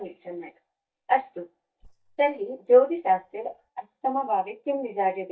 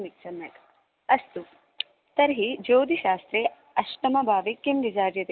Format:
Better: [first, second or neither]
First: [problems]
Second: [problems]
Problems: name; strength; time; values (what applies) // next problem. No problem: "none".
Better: second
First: noise reduction (neural mask model DeepFilterNet 3)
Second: none